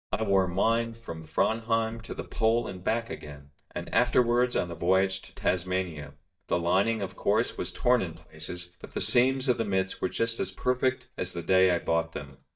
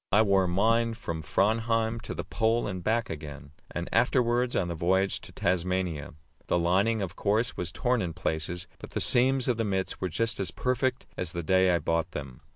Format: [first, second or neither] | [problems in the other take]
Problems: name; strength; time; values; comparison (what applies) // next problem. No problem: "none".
second | noise reduction (neural mask model DeepFilterNet 3)